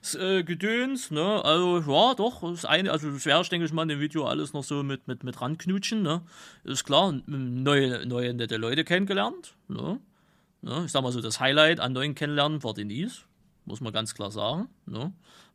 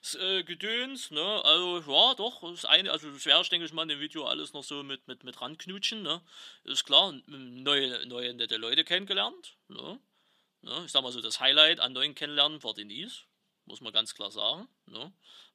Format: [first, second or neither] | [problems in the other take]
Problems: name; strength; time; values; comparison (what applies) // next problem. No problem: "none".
first | thin; somewhat; fading below 300 Hz